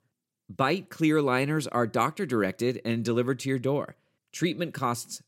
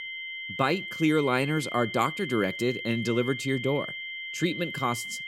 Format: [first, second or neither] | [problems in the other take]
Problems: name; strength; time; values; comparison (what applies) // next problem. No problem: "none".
first | high-pitched whine; loud; throughout; 2 kHz, 7 dB below the speech